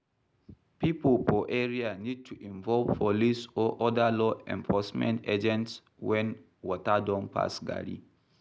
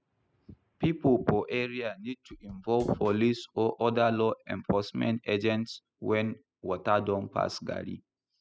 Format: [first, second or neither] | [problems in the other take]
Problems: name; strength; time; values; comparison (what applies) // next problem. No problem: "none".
first | noise reduction (classical method spectral subtraction)